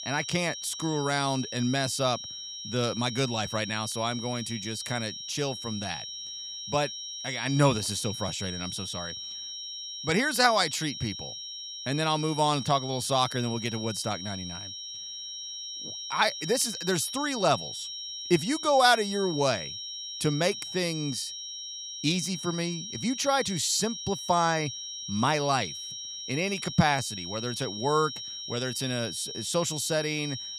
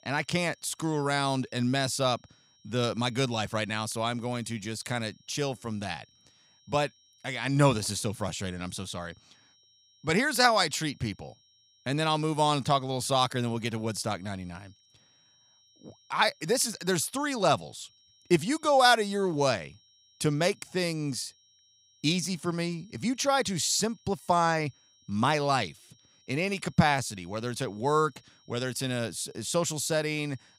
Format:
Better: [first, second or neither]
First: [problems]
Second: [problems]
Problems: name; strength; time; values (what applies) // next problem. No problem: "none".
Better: second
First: high-pitched whine; loud; throughout; 5.5 kHz, 7 dB below the speech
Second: high-pitched whine; faint; throughout; 5.5 kHz, 30 dB below the speech